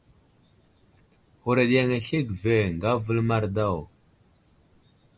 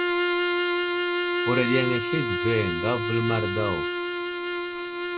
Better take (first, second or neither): first